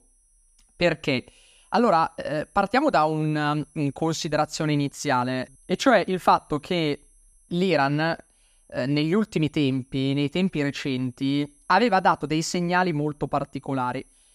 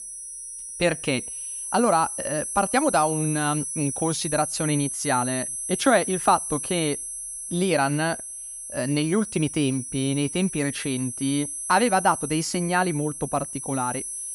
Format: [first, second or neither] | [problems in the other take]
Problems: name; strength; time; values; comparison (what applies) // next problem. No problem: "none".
first | high-pitched whine; loud; throughout; 10.5 kHz, 6 dB below the speech; faint in the first